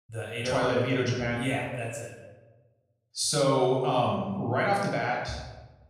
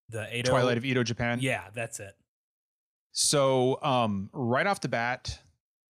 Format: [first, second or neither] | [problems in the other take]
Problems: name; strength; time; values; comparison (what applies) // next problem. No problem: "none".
second | off-mic speech; far // room echo; noticeable; dies away in 0.9 s